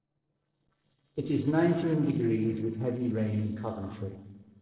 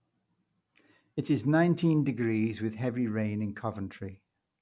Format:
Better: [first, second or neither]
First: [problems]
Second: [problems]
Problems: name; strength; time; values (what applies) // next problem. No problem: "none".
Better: second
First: noise reduction (neural separator model SepFormer DNS4)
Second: none